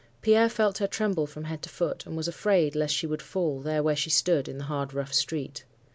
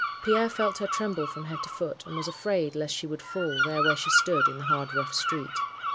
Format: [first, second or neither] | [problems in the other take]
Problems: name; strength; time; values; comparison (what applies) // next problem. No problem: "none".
first | background sound (Bird vocalization, bird call, bird song); as loud as the speech